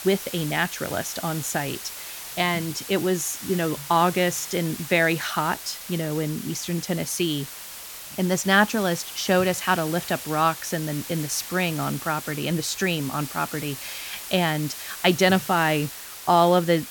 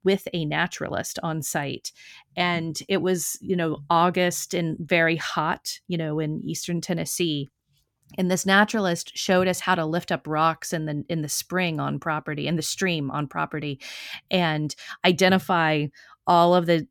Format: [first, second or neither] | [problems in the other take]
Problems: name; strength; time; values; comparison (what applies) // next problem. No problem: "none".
second | hiss; noticeable; throughout; 10 dB below the speech